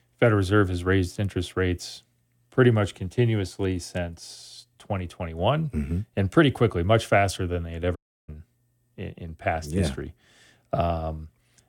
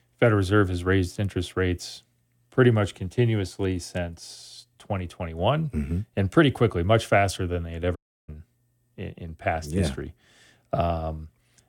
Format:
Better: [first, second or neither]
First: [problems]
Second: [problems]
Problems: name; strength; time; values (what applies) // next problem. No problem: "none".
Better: neither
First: audio cutting out; at 8 s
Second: audio cutting out; at 8 s